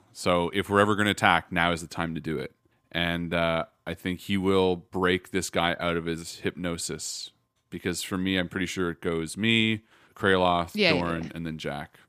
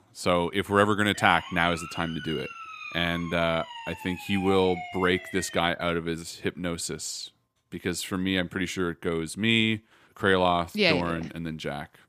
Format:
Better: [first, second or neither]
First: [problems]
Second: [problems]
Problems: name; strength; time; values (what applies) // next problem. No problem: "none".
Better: first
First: none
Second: siren; noticeable; from 1 to 5.5 s; peak 9 dB below the speech